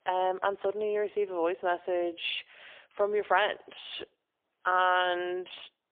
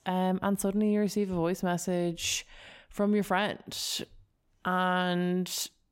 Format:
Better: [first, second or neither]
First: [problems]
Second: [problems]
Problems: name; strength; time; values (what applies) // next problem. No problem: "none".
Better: second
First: phone-call audio; poor line; nothing above 3.5 kHz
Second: none